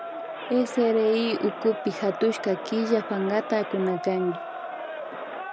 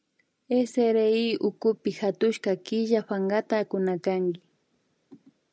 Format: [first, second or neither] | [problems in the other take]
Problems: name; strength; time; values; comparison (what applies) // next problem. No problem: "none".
second | background sound (Crowd); 9 dB below the speech